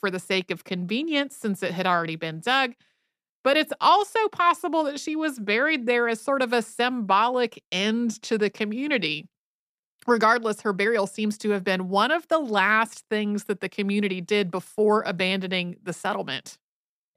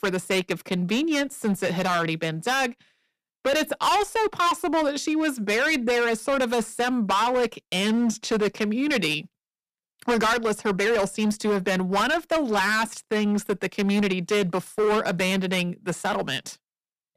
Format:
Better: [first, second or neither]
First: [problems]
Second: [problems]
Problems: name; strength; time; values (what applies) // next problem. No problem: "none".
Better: first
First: none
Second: distortion; heavy; 14% of the sound clipped